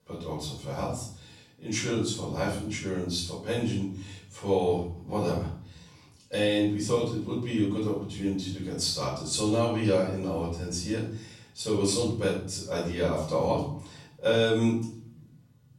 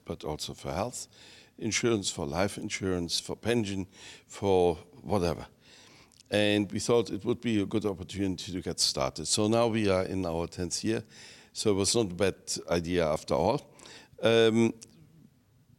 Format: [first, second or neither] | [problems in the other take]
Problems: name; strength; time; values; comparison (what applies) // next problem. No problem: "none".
second | off-mic speech; far // room echo; noticeable; dies away in 0.6 s